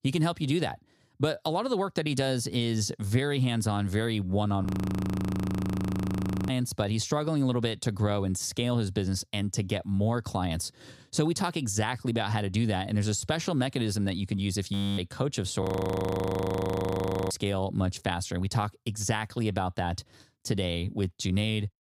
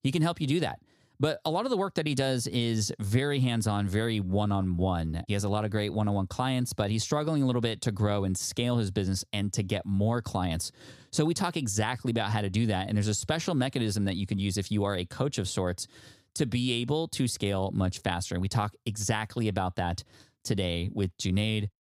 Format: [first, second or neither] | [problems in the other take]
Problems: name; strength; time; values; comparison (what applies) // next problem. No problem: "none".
second | audio freezing; at 4.5 s for 2 s, at 15 s and at 16 s for 1.5 s